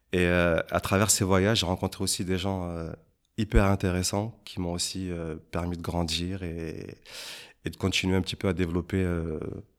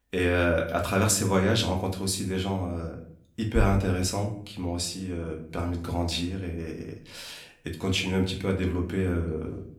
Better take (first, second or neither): first